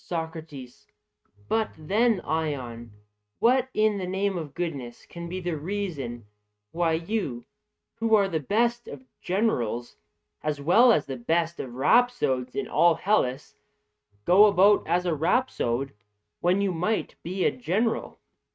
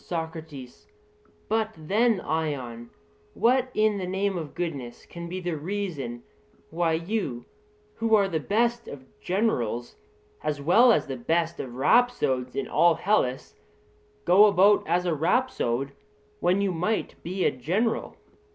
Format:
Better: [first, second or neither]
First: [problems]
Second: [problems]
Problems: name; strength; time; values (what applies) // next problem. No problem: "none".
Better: second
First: noise reduction (neural mask model RNNoise)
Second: none